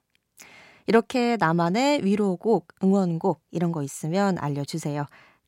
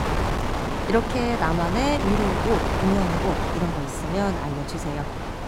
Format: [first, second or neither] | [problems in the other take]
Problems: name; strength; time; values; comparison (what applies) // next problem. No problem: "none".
first | wind noise on the microphone; heavy; as loud as the speech